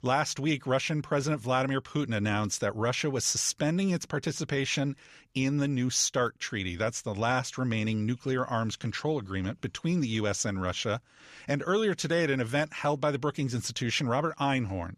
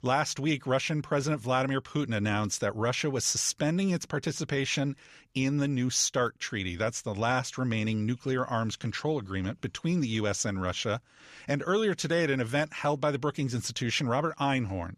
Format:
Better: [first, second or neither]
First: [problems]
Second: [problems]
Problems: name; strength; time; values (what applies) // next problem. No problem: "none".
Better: neither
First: none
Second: none